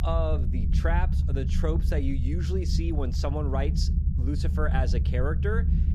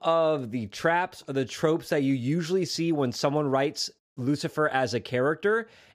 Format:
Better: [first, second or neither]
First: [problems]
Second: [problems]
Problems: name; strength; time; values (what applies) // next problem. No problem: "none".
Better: second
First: low rumble; loud; throughout; 8 dB below the speech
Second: none